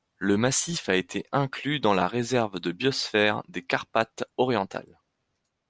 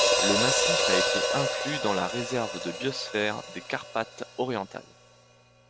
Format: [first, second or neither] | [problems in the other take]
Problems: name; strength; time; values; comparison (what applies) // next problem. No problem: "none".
first | background sound (Hi-hat); 3 dB above the speech